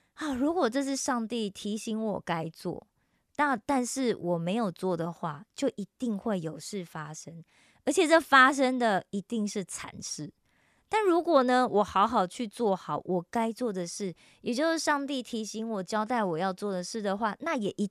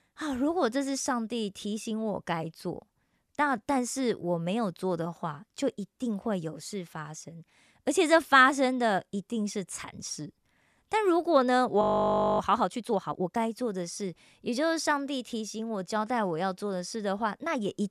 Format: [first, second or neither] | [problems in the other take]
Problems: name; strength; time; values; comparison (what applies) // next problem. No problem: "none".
first | audio freezing; at 12 s for 0.5 s